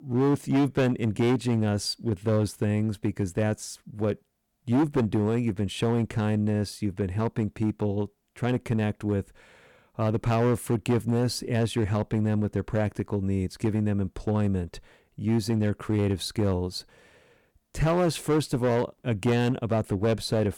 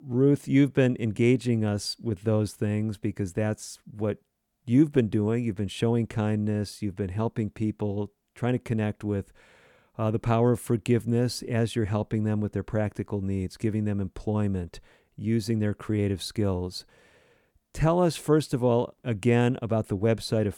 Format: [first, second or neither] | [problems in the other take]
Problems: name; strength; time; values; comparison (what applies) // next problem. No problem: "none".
second | distortion; slight; 8% of the sound clipped